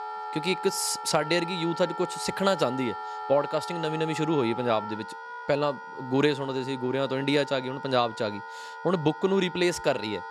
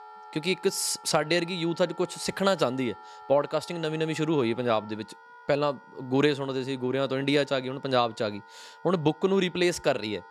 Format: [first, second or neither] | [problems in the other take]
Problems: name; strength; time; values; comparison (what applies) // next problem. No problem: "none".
second | background music; loud; throughout; 10 dB below the speech; faint in the second